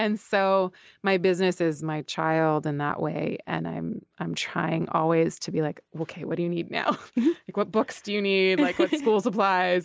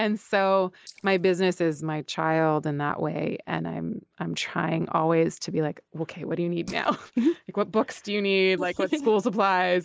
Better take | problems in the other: first | noise reduction (neural mask model Resemble Enhance denoiser)

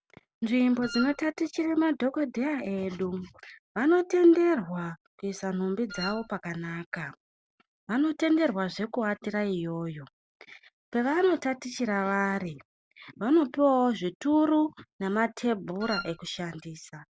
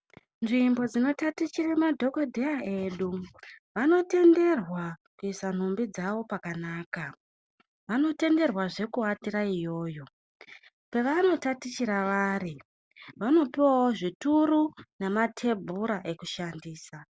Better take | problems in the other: second | background sound (Wind instrument, woodwind instrument); 10 dB below the speech

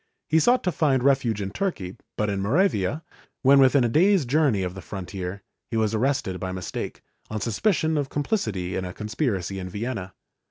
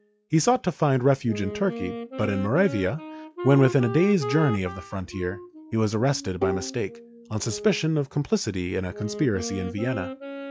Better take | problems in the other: first | noise reduction (classical method log-MMSE)

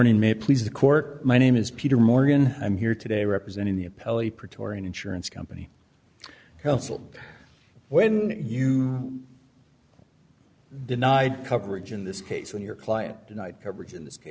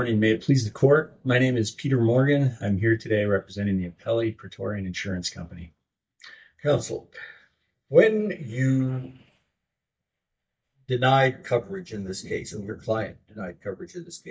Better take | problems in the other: first | noise reduction (neural mask model DeepFilterNet 3)

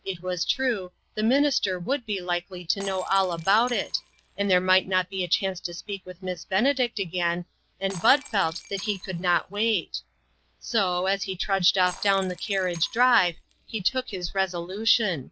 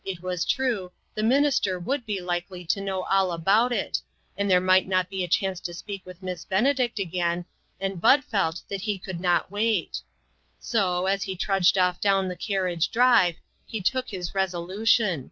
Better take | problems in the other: second | background sound (Shatter); 20 dB below the speech

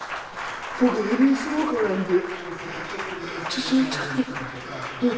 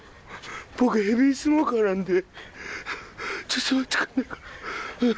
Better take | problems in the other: second | background sound (Applause); 8 dB below the speech // room echo; dies away in 1.1 s

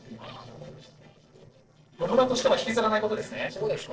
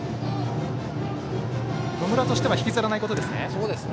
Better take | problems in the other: second | noise reduction (neural separator model SepFormer DNS4)

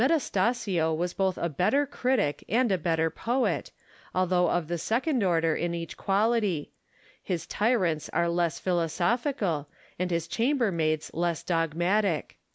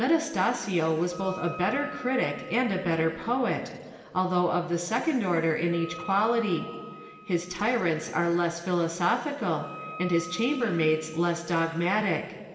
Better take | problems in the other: first | background sound (Wind instrument, woodwind instrument); 17 dB below the speech // room echo; dies away in 2.1 s

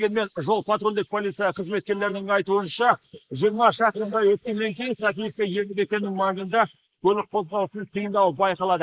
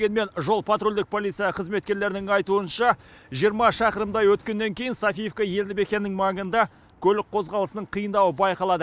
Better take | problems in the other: second | noise reduction (neural mask model Resemble Enhance denoiser)

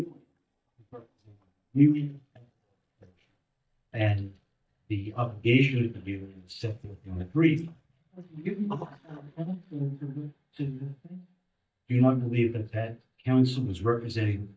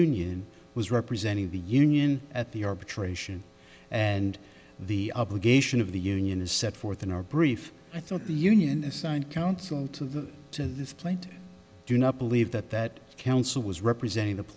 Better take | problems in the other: second | noise reduction (neural mask model DeepFilterNet 3)

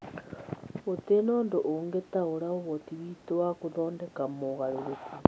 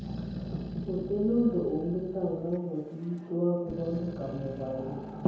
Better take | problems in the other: first | background sound (Growling); 10 dB below the speech // room echo; dies away in 0.9 s

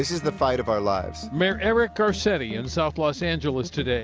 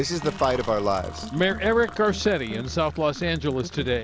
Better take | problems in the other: first | background sound (Liquid); 18 dB below the speech

